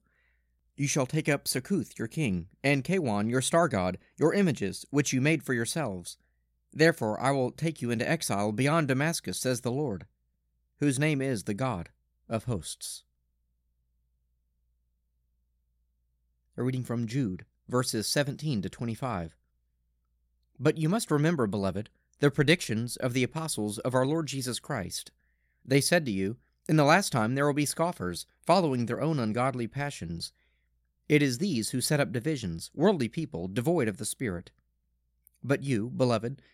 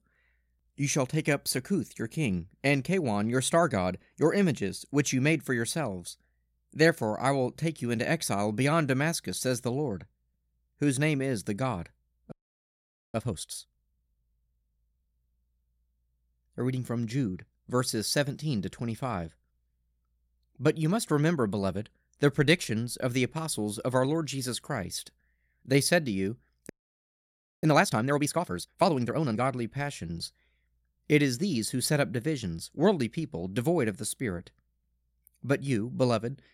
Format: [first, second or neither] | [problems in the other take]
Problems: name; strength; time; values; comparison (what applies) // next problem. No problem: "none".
first | audio freezing; at 12 s for 1 s and at 27 s for 1 s